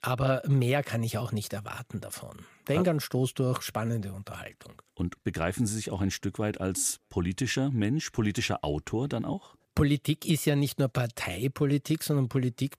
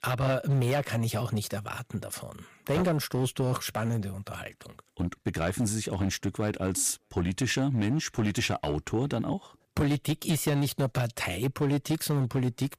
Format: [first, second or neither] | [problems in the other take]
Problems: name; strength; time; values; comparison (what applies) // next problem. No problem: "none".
first | distortion; slight; 8% of the sound clipped